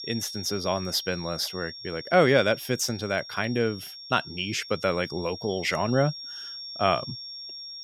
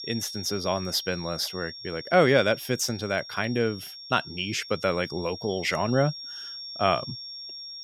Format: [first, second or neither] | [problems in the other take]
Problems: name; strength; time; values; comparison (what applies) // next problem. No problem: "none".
neither | high-pitched whine; noticeable; throughout; 5.5 kHz, 10 dB below the speech; the same in both